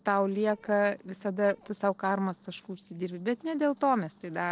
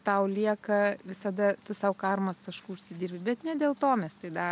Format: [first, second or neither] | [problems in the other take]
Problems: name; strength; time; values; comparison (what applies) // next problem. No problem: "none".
second | noise reduction (neural separator model SepFormer DNS4)